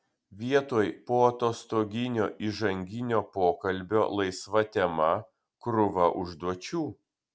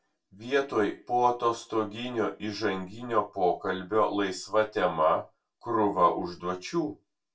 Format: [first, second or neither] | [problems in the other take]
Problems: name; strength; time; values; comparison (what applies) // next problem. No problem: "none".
first | room echo; dies away in 0.2 s